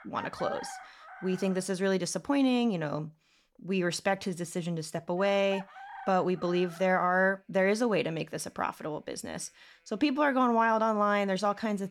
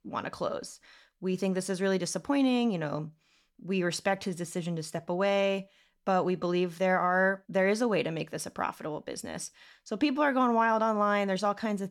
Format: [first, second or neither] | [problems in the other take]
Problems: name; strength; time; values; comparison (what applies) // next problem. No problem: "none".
second | animal sounds; noticeable; throughout; 15 dB below the speech